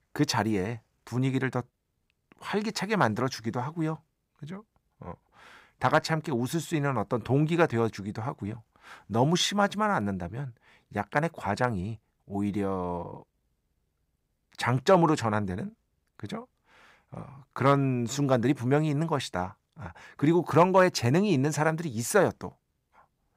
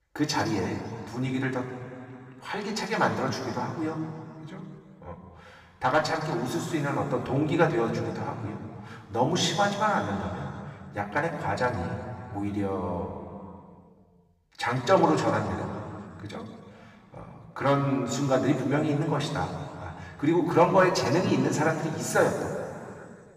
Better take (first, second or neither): first